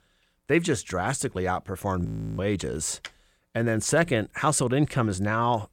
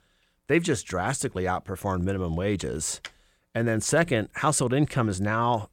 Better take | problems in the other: second | audio freezing; at 2 s

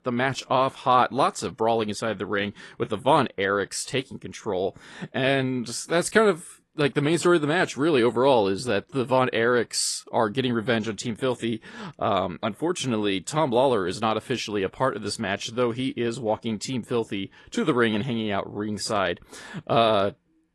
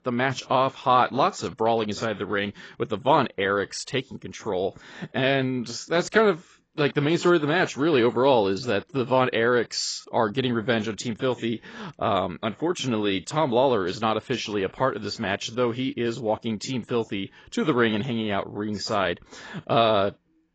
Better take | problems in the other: first | garbled, watery; badly; nothing above 7.5 kHz; slightly in the first

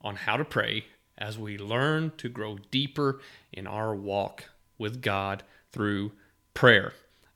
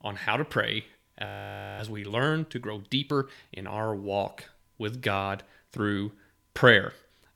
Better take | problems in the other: first | audio freezing; at 1.5 s for 0.5 s

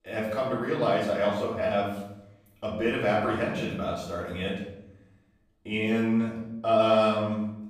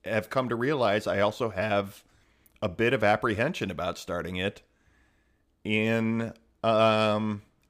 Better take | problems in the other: second | off-mic speech; far // room echo; noticeable; dies away in 0.7 s

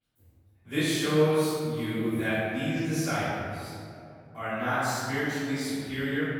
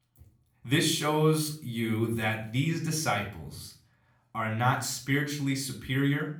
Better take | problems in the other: second | room echo; strong; dies away in 2.2 s; slight in the second // off-mic speech; far; far in the second

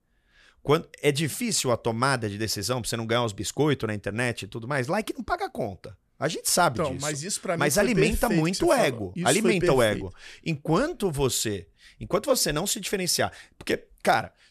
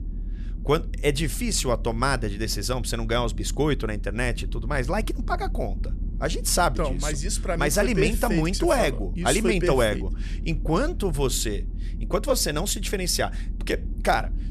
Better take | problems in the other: first | low rumble; faint; throughout; 20 dB below the speech

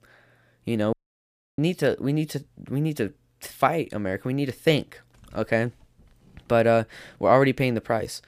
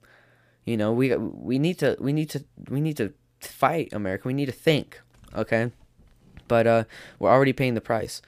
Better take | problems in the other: second | audio cutting out; at 1 s for 0.5 s

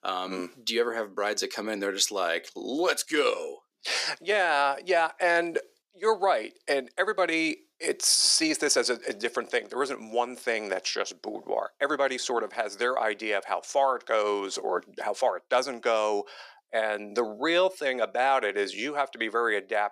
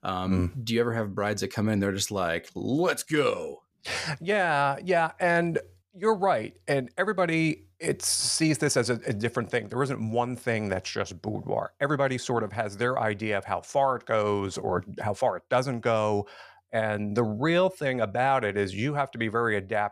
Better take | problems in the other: second | thin; somewhat; fading below 300 Hz

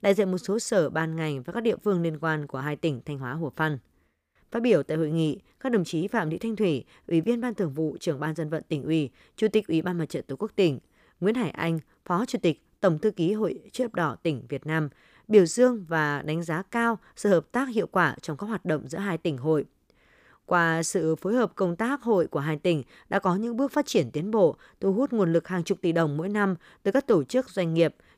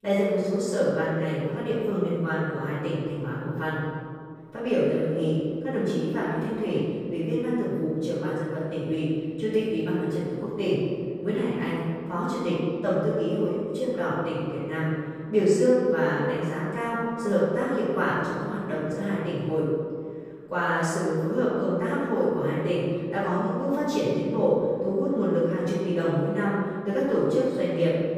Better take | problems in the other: first | off-mic speech; far // room echo; strong; dies away in 2 s

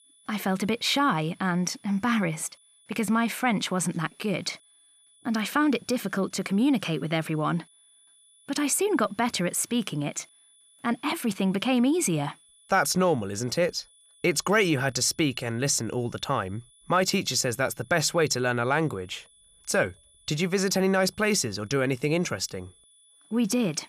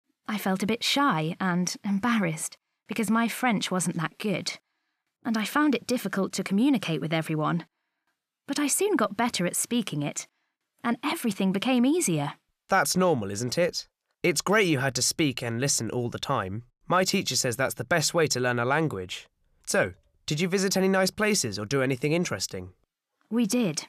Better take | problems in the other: second | high-pitched whine; faint; throughout; 10 kHz, 30 dB below the speech

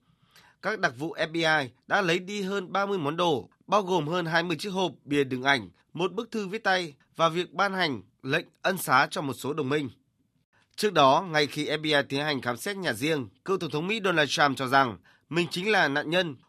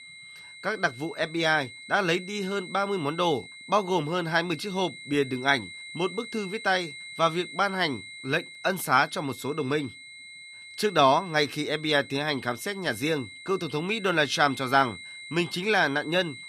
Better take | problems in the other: first | high-pitched whine; noticeable; throughout; 2 kHz, 15 dB below the speech

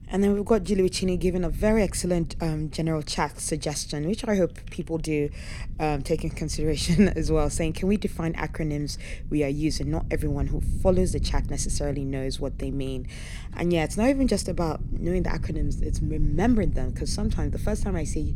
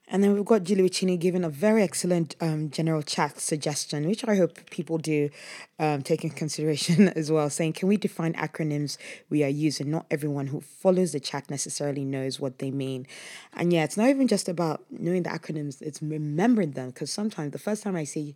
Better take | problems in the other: second | low rumble; noticeable; throughout; 20 dB below the speech

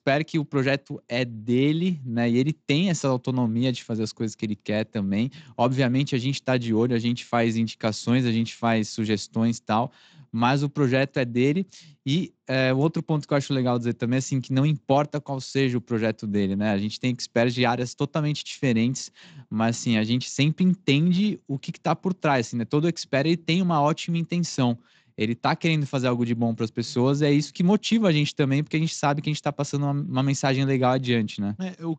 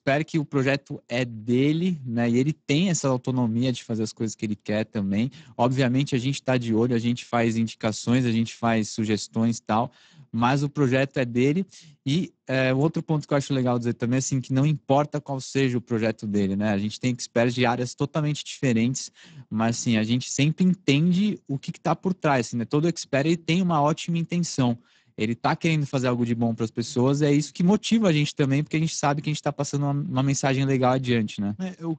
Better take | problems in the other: first | garbled, watery; badly; nothing above 7.5 kHz; slightly in the first

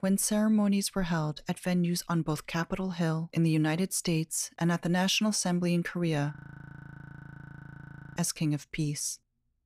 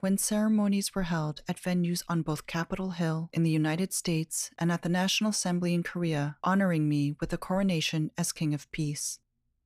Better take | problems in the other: second | audio freezing; at 6.5 s for 2 s

